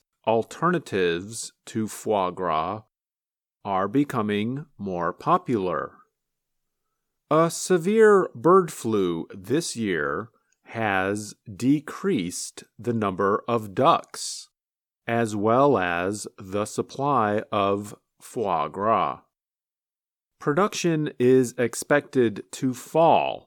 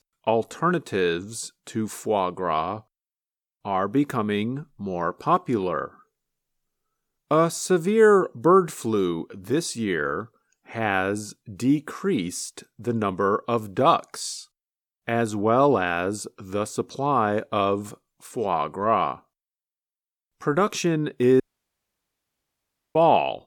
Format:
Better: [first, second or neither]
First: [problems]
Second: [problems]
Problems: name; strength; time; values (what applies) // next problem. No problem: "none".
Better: first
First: none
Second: audio cutting out; at 21 s for 1.5 s